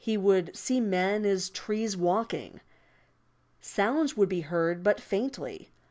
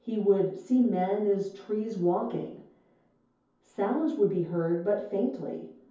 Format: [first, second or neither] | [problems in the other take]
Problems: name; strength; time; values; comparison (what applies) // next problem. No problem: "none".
first | room echo; dies away in 0.6 s